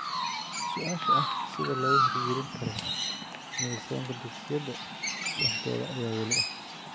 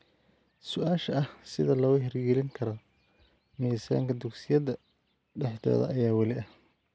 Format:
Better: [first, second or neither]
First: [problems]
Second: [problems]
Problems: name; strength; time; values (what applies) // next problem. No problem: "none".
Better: second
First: background sound (Chirp, tweet); 5 dB above the speech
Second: none